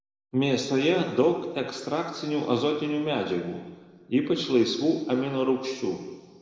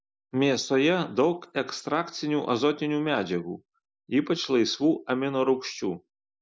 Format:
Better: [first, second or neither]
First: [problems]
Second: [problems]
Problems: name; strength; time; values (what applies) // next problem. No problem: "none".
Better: second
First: room echo; dies away in 1.5 s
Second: none